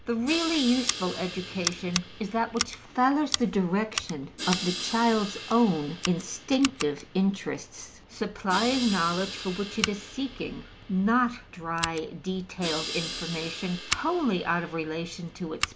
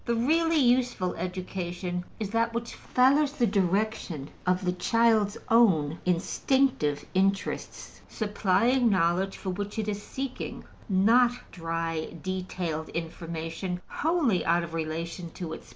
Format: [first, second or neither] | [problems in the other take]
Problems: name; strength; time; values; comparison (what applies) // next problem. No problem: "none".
second | background sound (Crash cymbal + Scissors); 8 dB below the speech